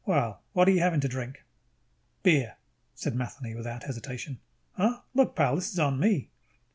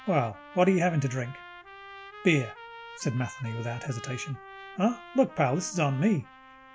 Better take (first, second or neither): first